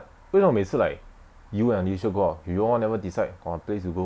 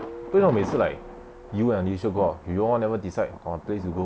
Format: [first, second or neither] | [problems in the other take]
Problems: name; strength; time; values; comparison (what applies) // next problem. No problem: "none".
first | background sound (Thunder + Guitar); 13 dB below the speech